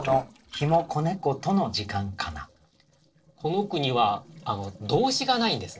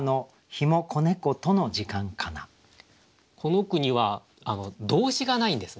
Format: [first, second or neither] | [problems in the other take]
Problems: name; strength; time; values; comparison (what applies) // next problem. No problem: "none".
second | noise reduction (neural separator model SepFormer DNS4)